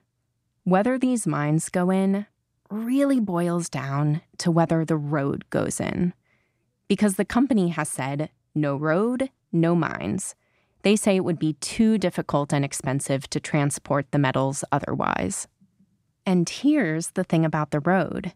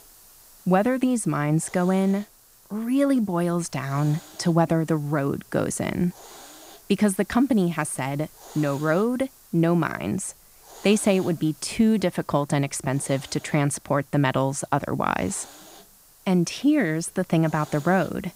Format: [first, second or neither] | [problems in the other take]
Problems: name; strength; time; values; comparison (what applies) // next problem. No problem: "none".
first | hiss; faint; throughout; 25 dB below the speech